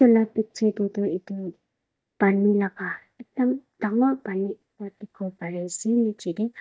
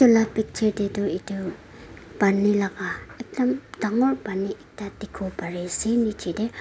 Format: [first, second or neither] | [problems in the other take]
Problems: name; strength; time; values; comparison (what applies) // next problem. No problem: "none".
second | noise reduction (neural mask model DeepFilterNet 3)